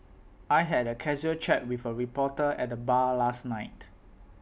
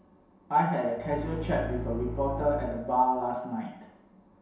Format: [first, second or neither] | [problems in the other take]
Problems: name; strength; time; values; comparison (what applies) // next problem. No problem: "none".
first | background sound (Bowed string instrument); 7 dB below the speech // room echo; dies away in 0.7 s